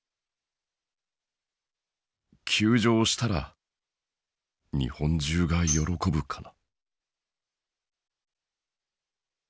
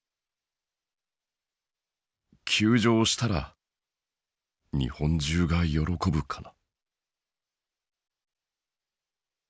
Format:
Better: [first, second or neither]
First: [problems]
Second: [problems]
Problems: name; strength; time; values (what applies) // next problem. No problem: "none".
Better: second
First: background sound (Tambourine); 7 dB below the speech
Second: none